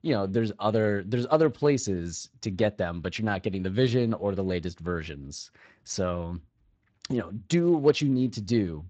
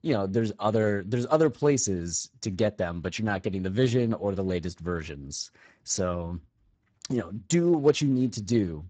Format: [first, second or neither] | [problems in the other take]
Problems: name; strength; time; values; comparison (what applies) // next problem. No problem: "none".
first | garbled, watery; badly; nothing above 7.5 kHz; slightly in the first